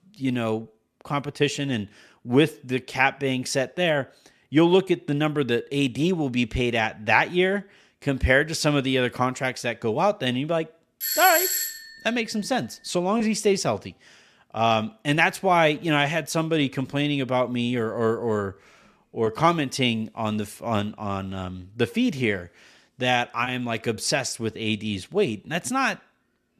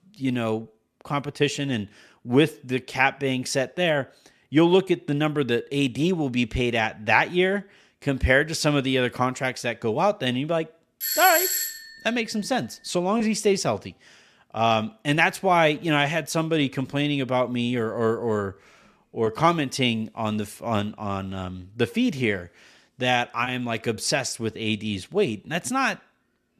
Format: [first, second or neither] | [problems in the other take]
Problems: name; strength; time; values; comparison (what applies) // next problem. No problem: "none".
neither | doorbell; loud; at 11 s; peak 3 dB above the speech; the same in both